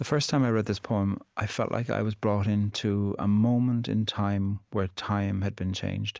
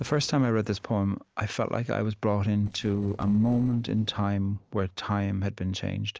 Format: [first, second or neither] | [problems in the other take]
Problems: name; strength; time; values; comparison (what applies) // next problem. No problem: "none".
first | noise reduction (neural separator model SepFormer DNS4)